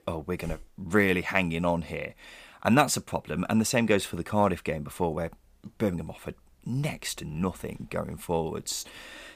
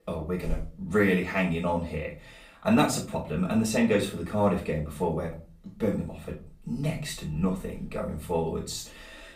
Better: first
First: none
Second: off-mic speech; far // room echo; slight; dies away in 0.4 s

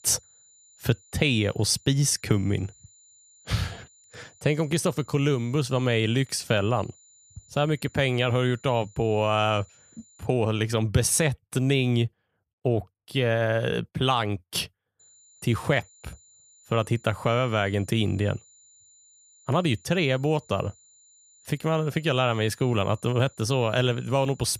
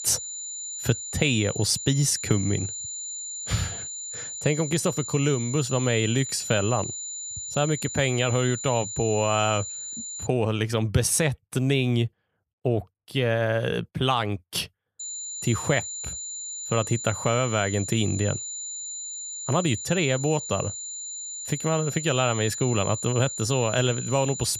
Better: first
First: high-pitched whine; faint; until 10 s and from 15 s on; 7 kHz, 30 dB below the speech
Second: high-pitched whine; loud; until 10 s and from 15 s on; 7 kHz, 6 dB below the speech

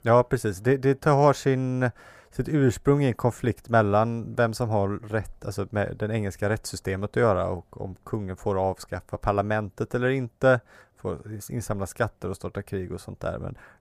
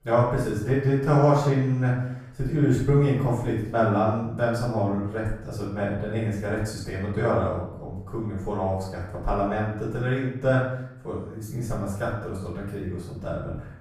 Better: first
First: none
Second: off-mic speech; far // room echo; noticeable; dies away in 0.7 s

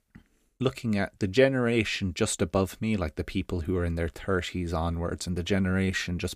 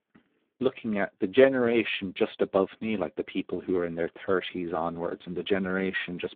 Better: first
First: none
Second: phone-call audio; poor line

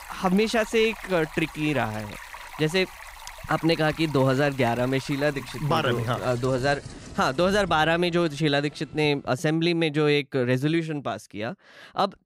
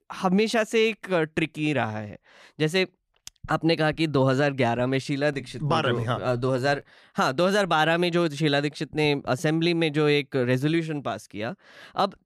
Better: second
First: rain or running water; noticeable; until 9 s; 15 dB below the speech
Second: none

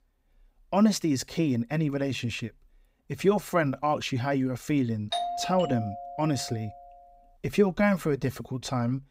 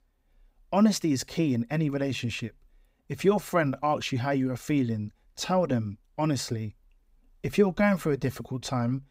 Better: second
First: doorbell; noticeable; from 5 to 6.5 s; peak 3 dB below the speech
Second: none

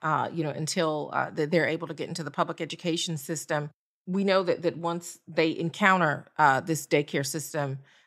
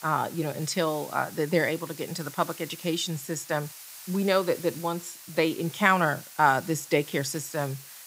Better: first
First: none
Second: hiss; noticeable; throughout; 15 dB below the speech

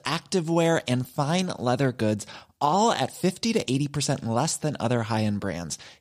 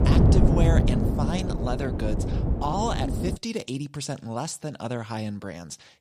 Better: first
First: none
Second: wind noise on the microphone; heavy; until 3.5 s; as loud as the speech

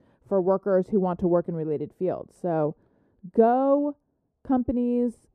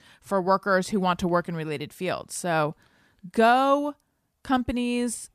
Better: second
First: muffled; very; fading above 1.5 kHz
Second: none

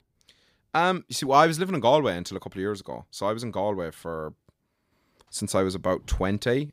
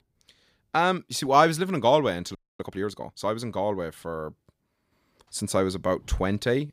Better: first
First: none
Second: audio freezing; at 2.5 s

